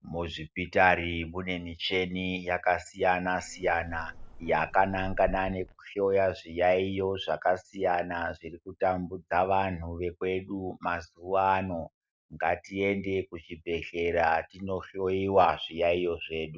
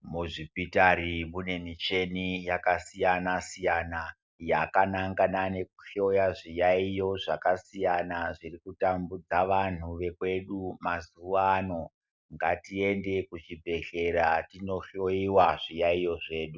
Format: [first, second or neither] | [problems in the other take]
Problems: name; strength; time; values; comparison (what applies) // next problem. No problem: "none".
second | background sound (Insect); 12 dB below the speech